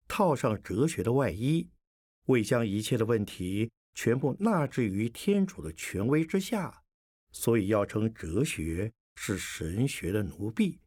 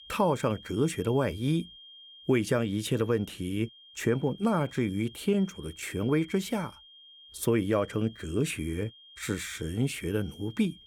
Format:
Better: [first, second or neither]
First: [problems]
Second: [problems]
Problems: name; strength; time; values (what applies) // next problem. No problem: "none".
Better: first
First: none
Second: high-pitched whine; noticeable; throughout; 3 kHz, 20 dB below the speech